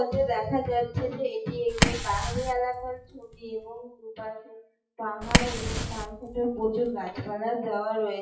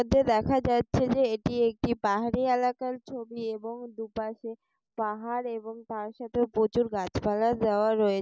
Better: second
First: noise reduction (classical method WPE with log-MMSE)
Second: none

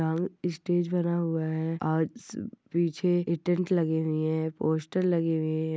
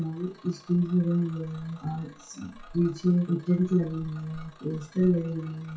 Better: first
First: none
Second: noise reduction (classical method WPE with log-MMSE)

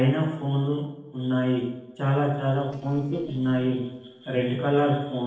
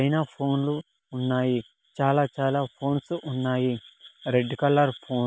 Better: second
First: noise reduction (neural separator model SepFormer DNS4)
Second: none

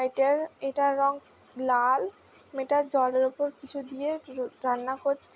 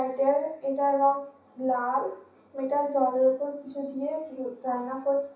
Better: first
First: none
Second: room echo; dies away in 0.7 s

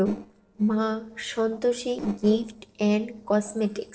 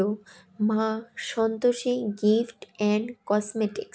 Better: second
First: noise reduction (neural separator model SepFormer DNS4)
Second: none

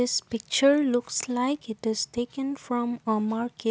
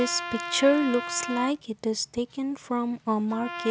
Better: first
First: none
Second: background sound (Trumpet); 10 dB below the speech

